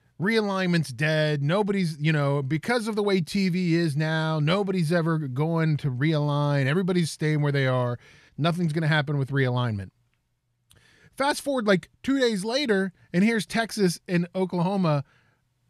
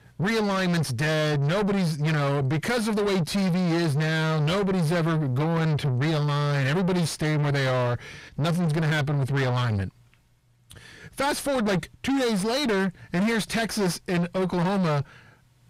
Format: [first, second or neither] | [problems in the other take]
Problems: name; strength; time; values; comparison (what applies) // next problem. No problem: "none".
first | distortion; heavy; 5 dB below the speech